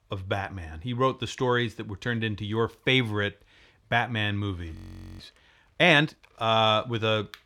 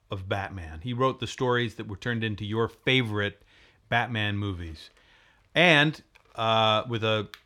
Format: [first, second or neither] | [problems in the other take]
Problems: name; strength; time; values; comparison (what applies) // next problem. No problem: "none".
second | audio freezing; at 5 s